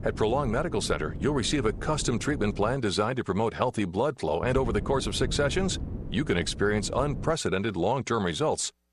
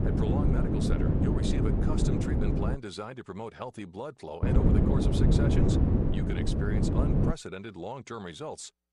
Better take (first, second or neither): first